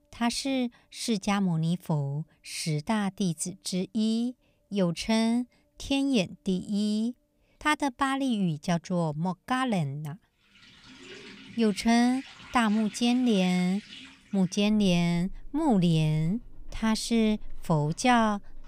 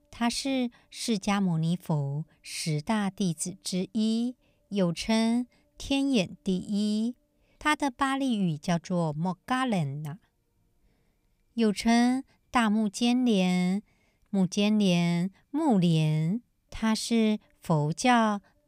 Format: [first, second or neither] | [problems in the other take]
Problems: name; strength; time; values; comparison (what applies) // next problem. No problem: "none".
second | household noises; faint; from 11 s on; 20 dB below the speech